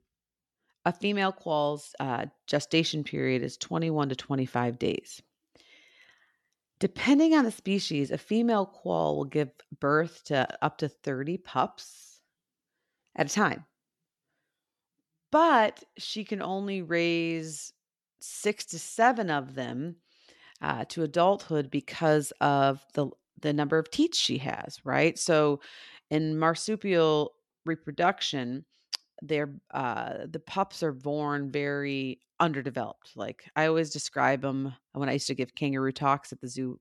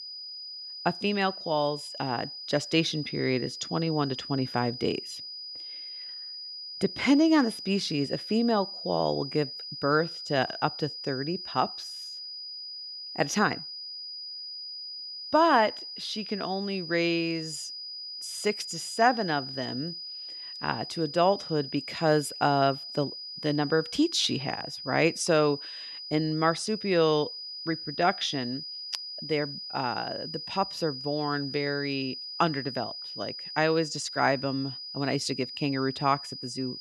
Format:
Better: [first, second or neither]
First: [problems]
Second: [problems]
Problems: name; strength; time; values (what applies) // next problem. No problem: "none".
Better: first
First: none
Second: high-pitched whine; loud; throughout; 5 kHz, 8 dB below the speech